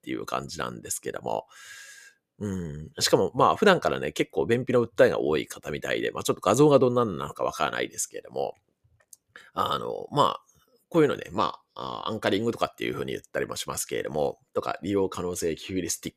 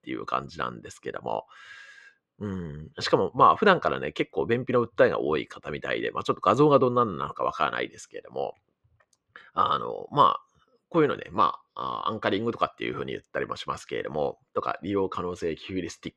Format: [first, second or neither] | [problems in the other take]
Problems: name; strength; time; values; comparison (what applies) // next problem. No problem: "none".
first | muffled; slightly; fading above 3 kHz